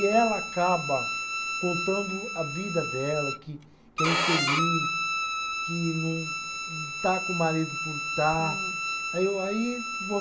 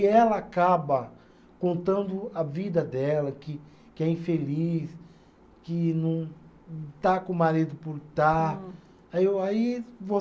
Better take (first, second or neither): second